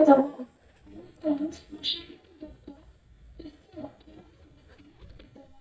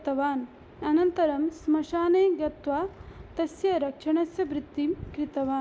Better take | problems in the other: second | noise reduction (neural mask model DeepFilterNet 3)

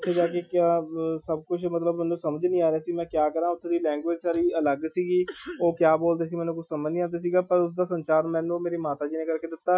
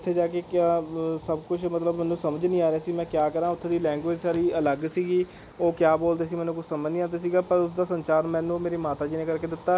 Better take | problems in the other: second | noise reduction (classical method Wiener filter)

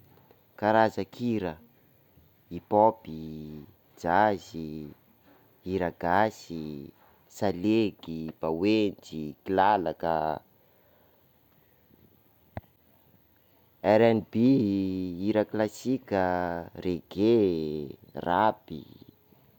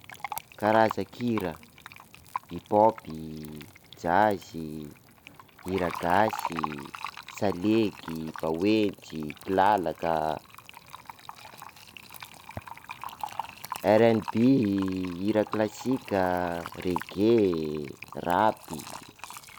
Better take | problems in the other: first | background sound (Fill (with liquid)); 14 dB below the speech

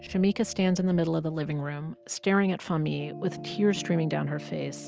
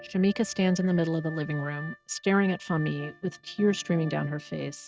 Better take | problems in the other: first | noise reduction (neural mask model RNNoise)

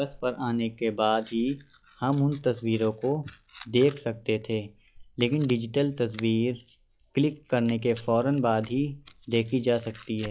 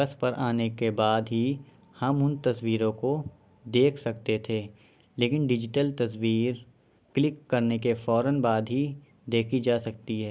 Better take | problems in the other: second | noise reduction (classical method log-MMSE)

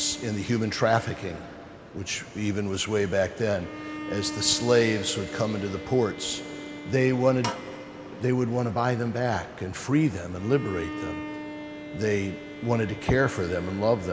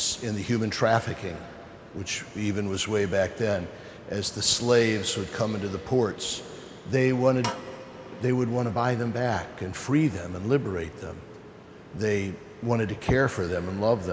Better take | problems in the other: second | background sound (Bowed string instrument); 13 dB below the speech

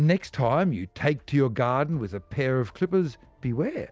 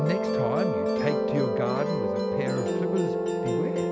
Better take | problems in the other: first | background sound (Musical instrument); 5 dB above the speech

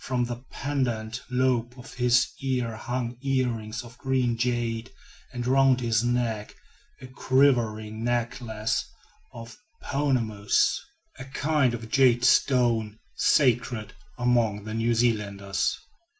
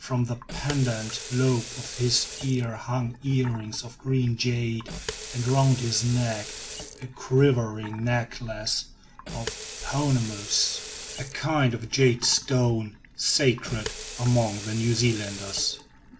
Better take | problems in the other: first | background sound (Sink (filling or washing) / Water tap, faucet); 13 dB below the speech

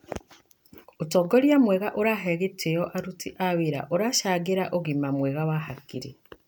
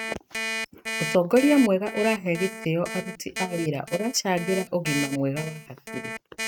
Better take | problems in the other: first | noise reduction (neural mask model RNNoise)

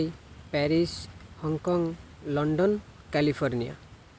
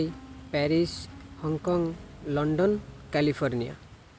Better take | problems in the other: first | background sound (Piano); 19 dB below the speech

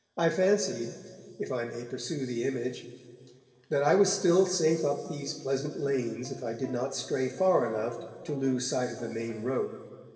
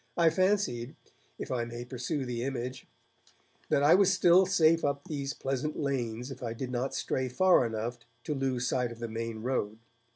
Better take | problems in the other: second | noise reduction (neural separator model SepFormer DNS4)

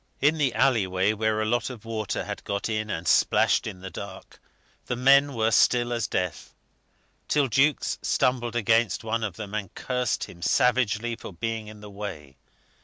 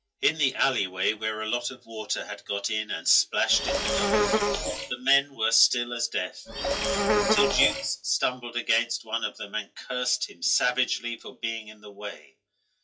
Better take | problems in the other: first | noise reduction (classical method WPE with log-MMSE)

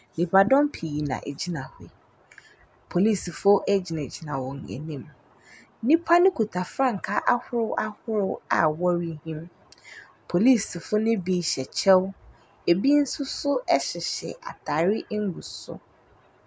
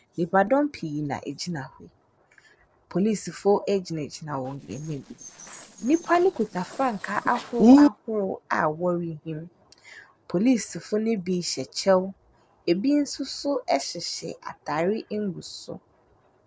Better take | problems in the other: first | noise reduction (neural separator model SepFormer DNS4)

